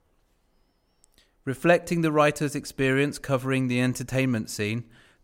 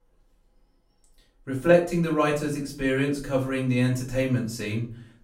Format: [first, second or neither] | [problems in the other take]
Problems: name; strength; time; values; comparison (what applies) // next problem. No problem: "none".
first | off-mic speech; far // room echo; slight; dies away in 0.4 s